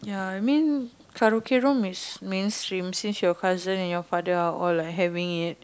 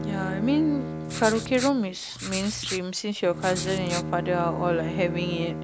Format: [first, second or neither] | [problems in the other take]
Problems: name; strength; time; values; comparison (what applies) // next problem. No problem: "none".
first | background sound (Bowed string instrument + Writing); 6 dB below the speech